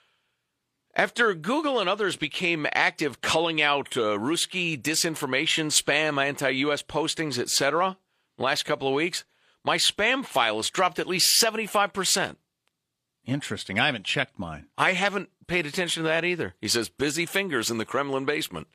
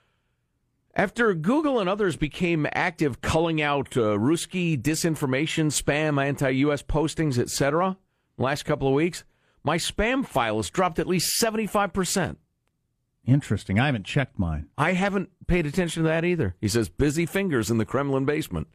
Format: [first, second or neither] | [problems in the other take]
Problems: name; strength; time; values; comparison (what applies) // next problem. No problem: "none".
second | thin; somewhat; fading below 600 Hz